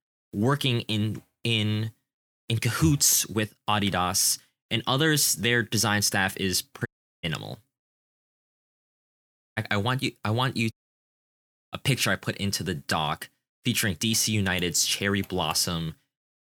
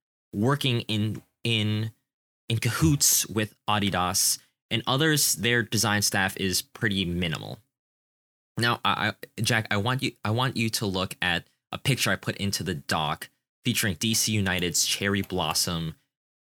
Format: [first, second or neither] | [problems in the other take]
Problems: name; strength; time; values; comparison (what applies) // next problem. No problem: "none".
second | audio cutting out; at 7 s, at 8.5 s for 1 s and at 11 s for 1 s